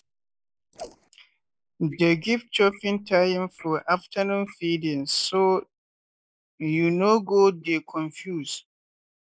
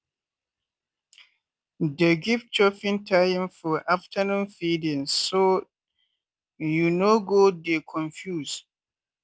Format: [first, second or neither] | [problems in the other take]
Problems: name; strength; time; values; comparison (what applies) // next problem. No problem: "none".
second | noise reduction (neural mask model Resemble Enhance denoiser)